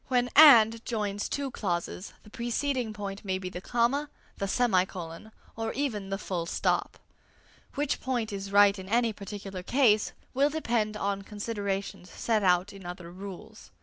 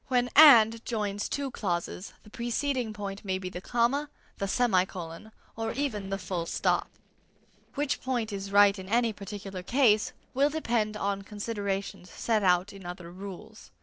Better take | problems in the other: first | noise reduction (neural separator model SepFormer DNS4)

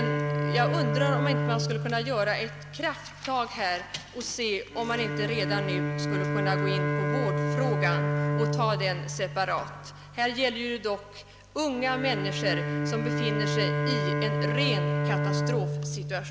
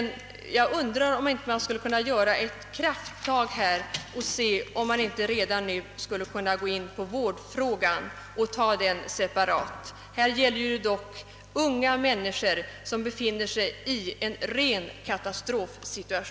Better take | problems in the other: second | background sound (Bowed string instrument); 2 dB above the speech

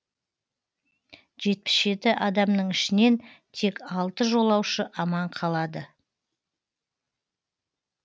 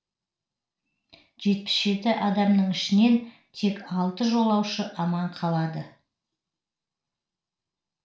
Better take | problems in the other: first | room echo; dies away in 0.4 s

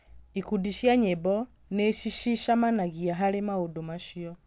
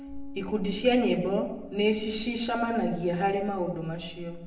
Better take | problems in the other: first | background sound (Piano); 19 dB below the speech // room echo; dies away in 0.8 s

